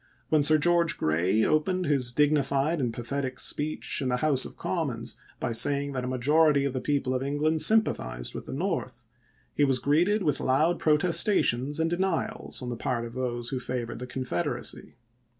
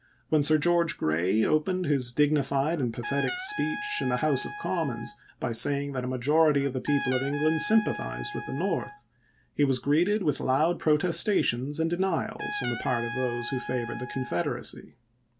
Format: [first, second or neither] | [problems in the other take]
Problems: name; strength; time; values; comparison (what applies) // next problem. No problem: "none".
first | background sound (Trumpet); 11 dB below the speech